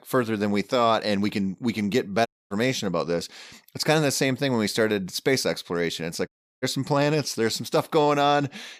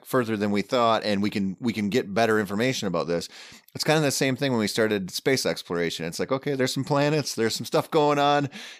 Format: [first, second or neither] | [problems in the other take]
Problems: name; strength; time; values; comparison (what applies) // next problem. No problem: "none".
second | audio cutting out; at 2.5 s and at 6.5 s